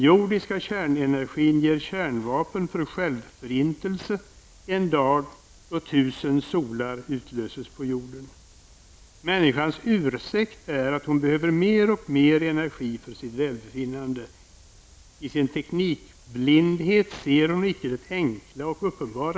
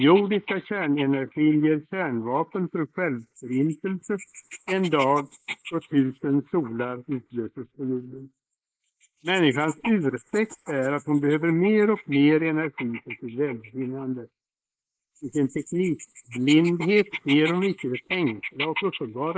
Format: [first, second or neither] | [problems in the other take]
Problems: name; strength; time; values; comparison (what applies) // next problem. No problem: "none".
first | noise reduction (neural mask model Resemble Enhance denoiser)